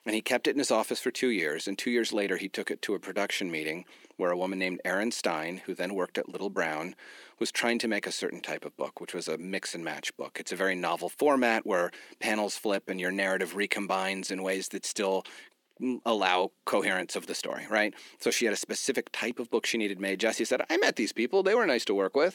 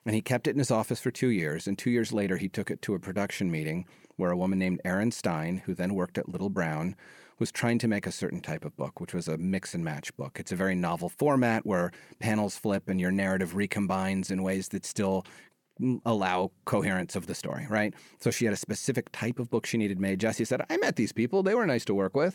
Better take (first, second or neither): second